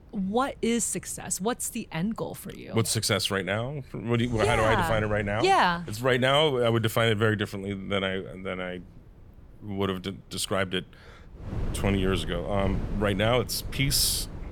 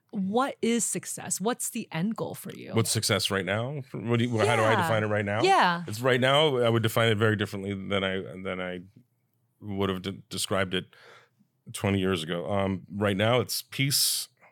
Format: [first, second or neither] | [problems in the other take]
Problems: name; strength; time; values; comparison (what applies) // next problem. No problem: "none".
second | wind noise on the microphone; occasional gusts; 20 dB below the speech